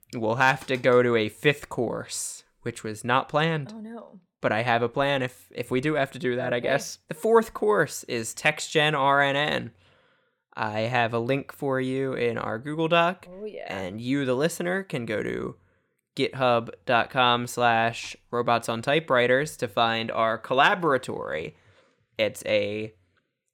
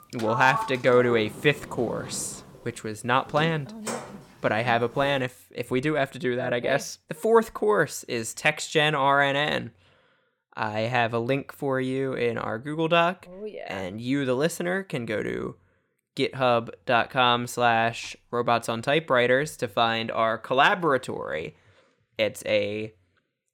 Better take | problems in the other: first | household noises; noticeable; until 5 s; 10 dB below the speech

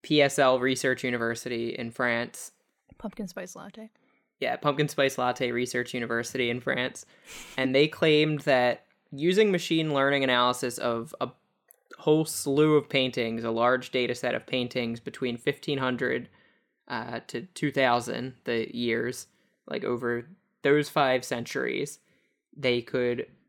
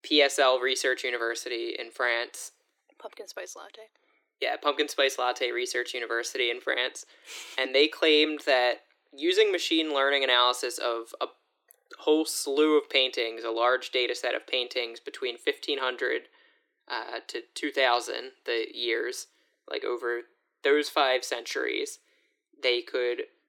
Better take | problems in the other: first | thin; somewhat; fading below 300 Hz

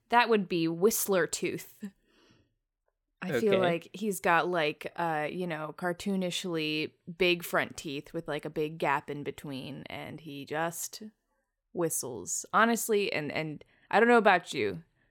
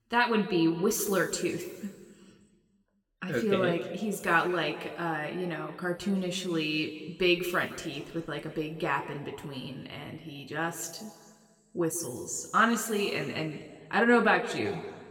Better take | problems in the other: first | room echo; slight; dies away in 1.4 s

